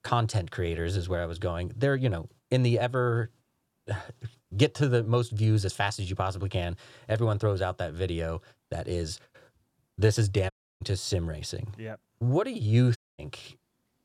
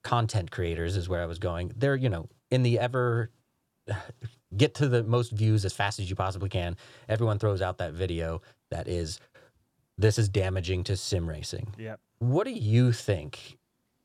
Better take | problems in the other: second | audio cutting out; at 11 s and at 13 s

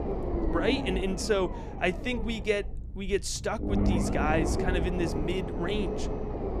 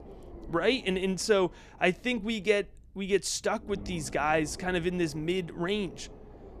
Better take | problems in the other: second | low rumble; loud; throughout; 4 dB below the speech; faint in the second

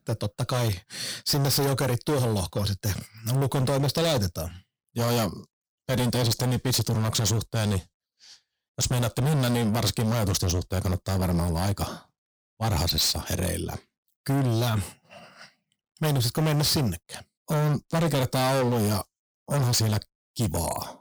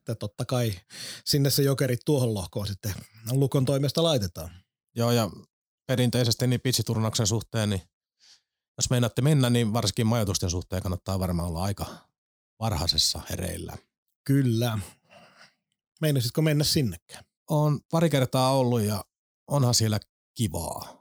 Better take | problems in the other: second | distortion; heavy; 19% of the sound clipped

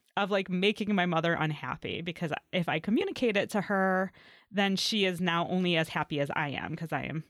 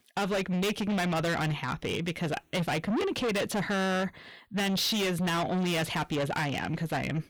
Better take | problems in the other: first | distortion; heavy; 6 dB below the speech

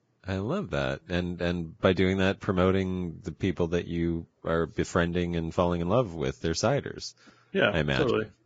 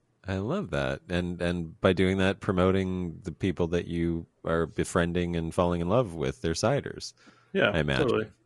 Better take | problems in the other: second | garbled, watery; badly; nothing above 7.5 kHz; slightly in the second

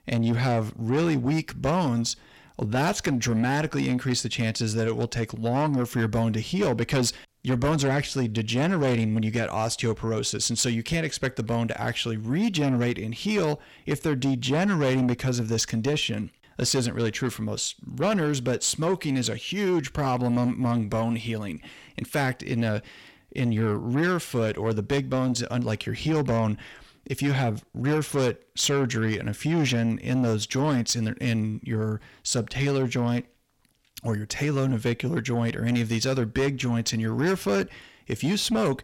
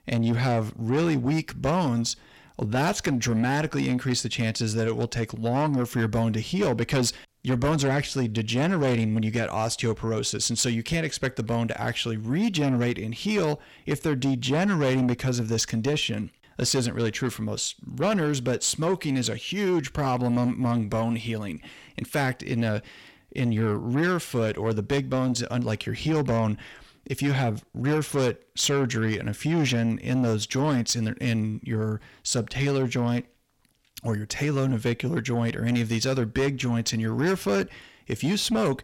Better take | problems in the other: neither | distortion; slight; 10 dB below the speech; the same in both

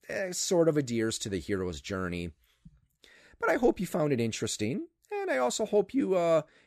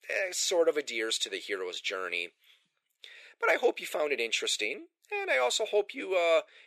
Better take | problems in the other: first | thin; very; fading below 450 Hz

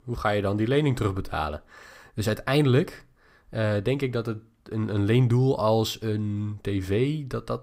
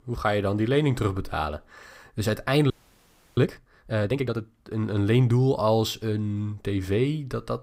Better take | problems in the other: first | audio freezing; at 2.5 s for 0.5 s

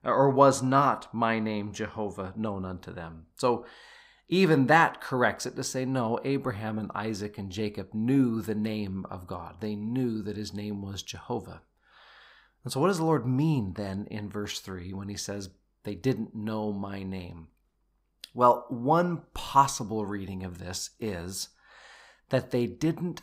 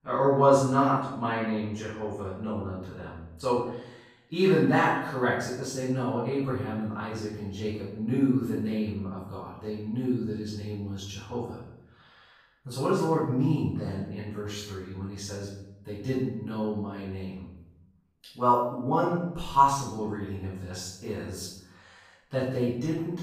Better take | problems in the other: first | off-mic speech; far // room echo; strong; dies away in 0.7 s

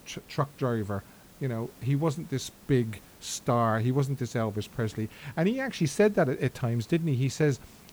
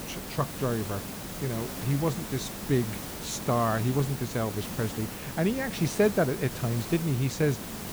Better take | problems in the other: first | hiss; loud; throughout; 7 dB below the speech; faint in the first

